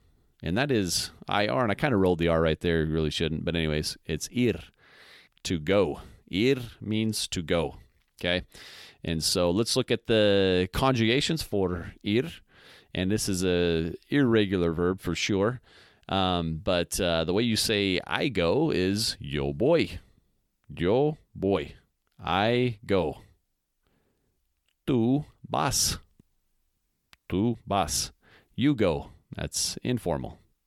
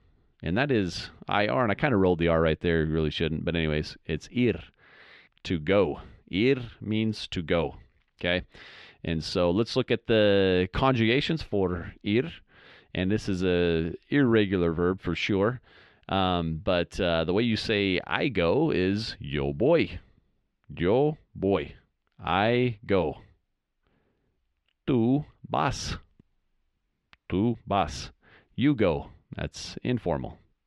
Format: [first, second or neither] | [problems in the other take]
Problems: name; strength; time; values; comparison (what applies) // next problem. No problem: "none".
first | muffled; slightly; fading above 2.5 kHz